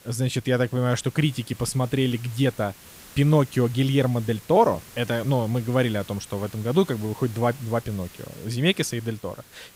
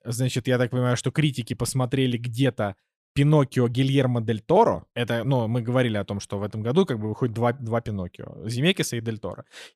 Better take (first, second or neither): second